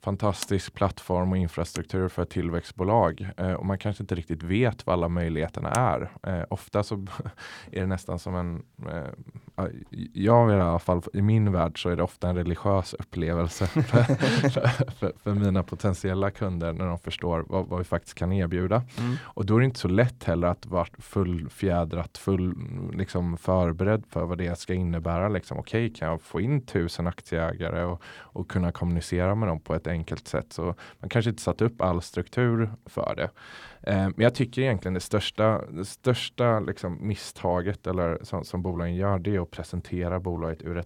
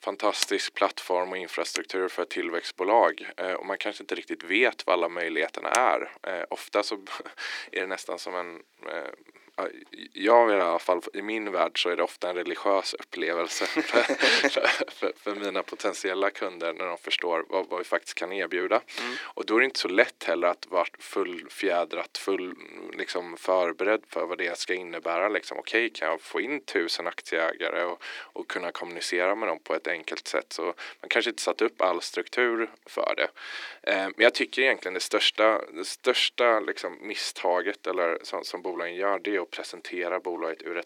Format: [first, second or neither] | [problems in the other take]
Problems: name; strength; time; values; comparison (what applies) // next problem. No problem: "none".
first | thin; very; fading below 300 Hz